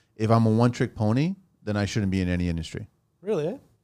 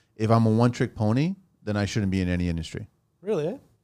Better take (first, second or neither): neither